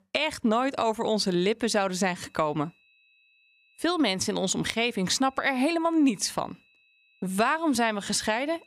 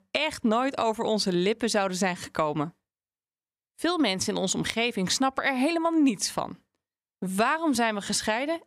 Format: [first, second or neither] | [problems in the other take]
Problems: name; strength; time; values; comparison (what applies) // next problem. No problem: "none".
second | high-pitched whine; faint; from 1.5 s on; 2.5 kHz, 35 dB below the speech